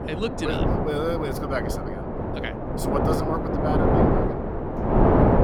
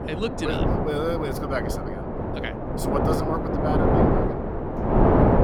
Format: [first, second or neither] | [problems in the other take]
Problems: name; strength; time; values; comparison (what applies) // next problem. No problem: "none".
neither | wind noise on the microphone; heavy; 4 dB above the speech; the same in both